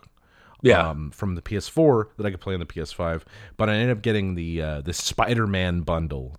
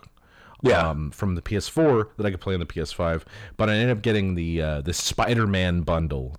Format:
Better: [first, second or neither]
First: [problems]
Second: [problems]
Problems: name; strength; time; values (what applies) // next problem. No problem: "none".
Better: first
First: none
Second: distortion; slight; 10 dB below the speech